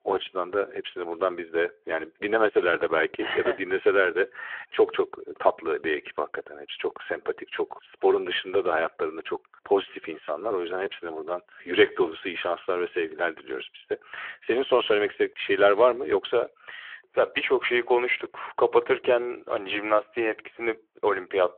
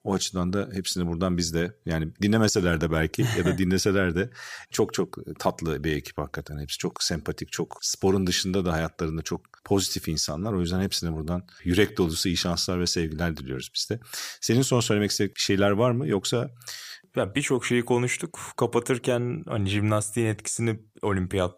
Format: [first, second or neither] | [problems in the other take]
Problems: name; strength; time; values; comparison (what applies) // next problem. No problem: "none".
second | phone-call audio